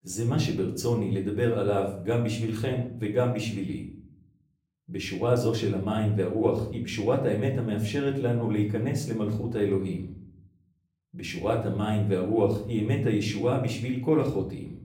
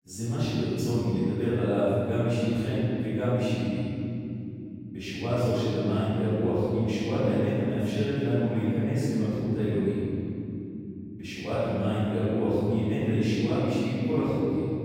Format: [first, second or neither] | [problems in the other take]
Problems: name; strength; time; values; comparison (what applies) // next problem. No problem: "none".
first | room echo; strong; dies away in 3 s; slight in the first // off-mic speech; far; far in the first